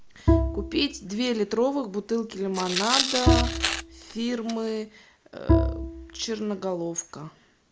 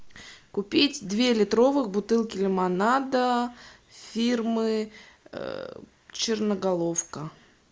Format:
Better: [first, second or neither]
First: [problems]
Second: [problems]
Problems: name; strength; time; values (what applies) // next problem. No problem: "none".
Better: second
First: background sound (Bowed string instrument + Tearing); 2 dB above the speech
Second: none